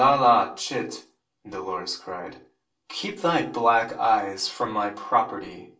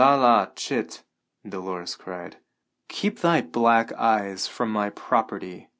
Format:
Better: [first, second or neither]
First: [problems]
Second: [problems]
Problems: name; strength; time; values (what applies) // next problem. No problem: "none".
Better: second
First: room echo; dies away in 0.3 s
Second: none